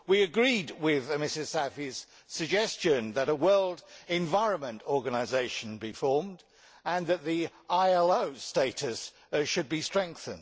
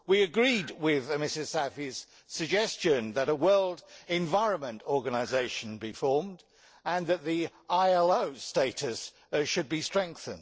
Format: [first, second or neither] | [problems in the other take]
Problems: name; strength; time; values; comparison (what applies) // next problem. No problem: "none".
first | noise reduction (neural separator model SepFormer DNS4)